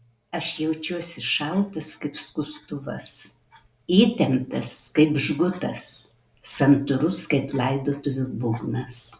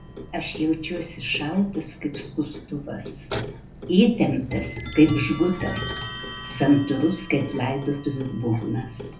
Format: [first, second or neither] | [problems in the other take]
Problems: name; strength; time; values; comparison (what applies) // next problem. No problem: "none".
first | background sound (Clock); 11 dB below the speech // room echo; dies away in 0.3 s